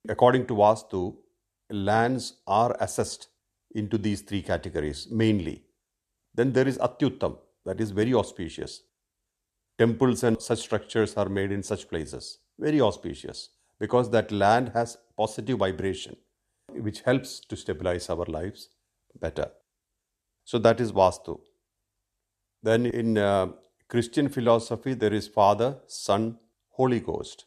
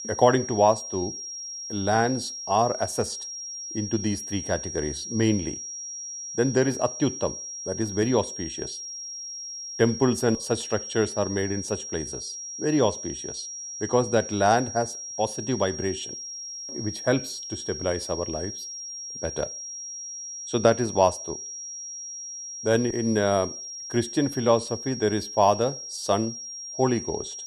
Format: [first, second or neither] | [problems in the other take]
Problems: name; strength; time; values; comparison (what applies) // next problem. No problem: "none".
first | high-pitched whine; loud; throughout; 5.5 kHz, 8 dB below the speech